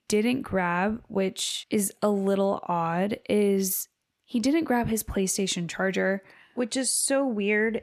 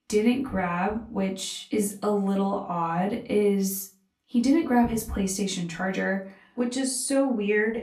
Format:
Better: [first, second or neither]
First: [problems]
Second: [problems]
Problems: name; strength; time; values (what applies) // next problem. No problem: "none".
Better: first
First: none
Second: off-mic speech; far // room echo; very slight; dies away in 0.3 s